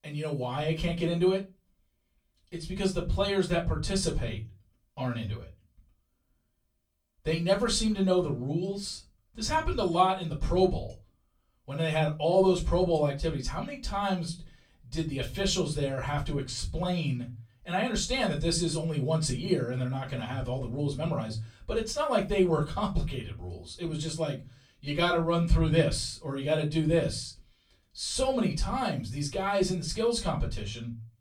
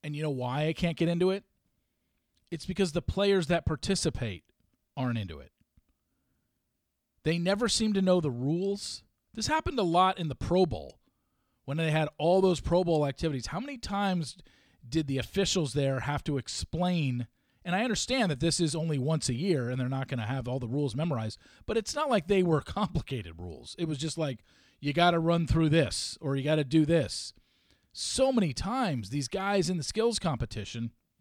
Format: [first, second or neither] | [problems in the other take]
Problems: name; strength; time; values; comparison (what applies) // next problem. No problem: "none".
second | off-mic speech; far // room echo; very slight; dies away in 0.3 s